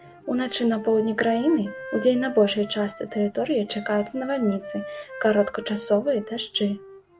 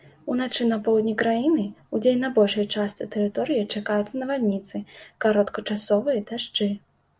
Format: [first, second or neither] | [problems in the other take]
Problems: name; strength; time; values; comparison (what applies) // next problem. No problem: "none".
second | background sound (Wind instrument, woodwind instrument); 15 dB below the speech